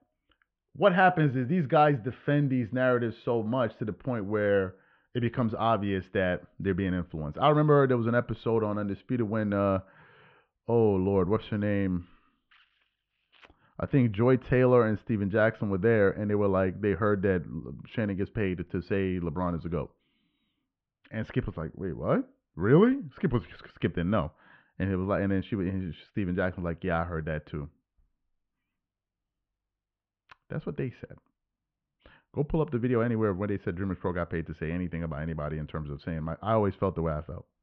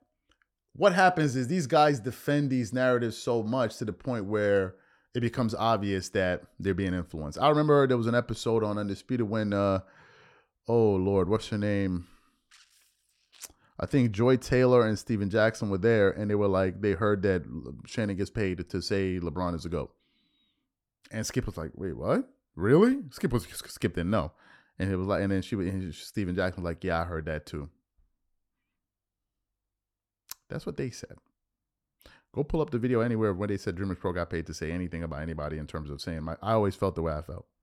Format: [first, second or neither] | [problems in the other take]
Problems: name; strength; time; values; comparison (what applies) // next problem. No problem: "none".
second | muffled; very; fading above 3 kHz